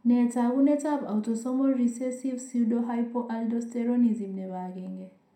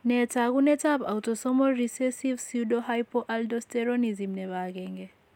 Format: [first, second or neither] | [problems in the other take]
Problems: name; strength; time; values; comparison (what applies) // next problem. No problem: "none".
second | room echo; dies away in 0.4 s